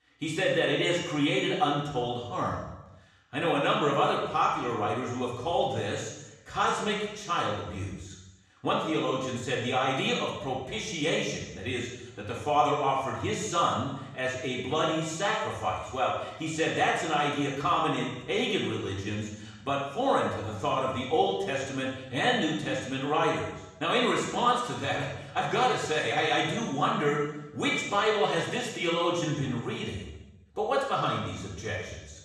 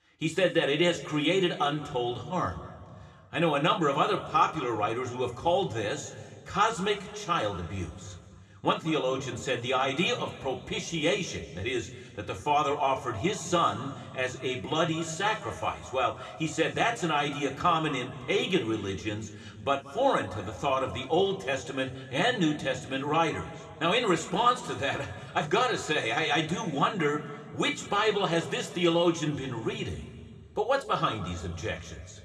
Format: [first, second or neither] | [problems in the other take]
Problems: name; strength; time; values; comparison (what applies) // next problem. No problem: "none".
second | room echo; strong; dies away in 0.9 s; slight in the second // off-mic speech; far